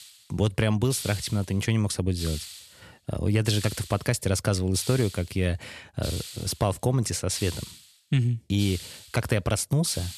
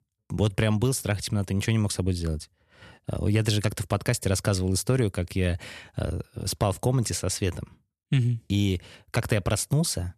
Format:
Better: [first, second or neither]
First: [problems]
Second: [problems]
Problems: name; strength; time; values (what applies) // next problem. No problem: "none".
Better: second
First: hiss; noticeable; throughout; 10 dB below the speech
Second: none